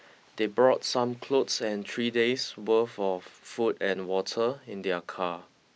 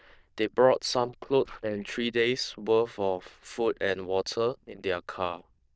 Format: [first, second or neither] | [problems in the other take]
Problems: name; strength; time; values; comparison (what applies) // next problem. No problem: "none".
first | noise reduction (neural diffusion model UNIVERSE++)